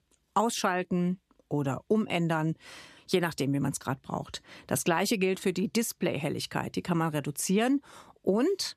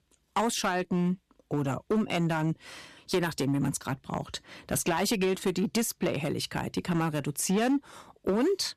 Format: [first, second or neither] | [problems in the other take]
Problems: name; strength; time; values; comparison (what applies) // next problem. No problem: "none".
first | distortion; slight; 6% of the sound clipped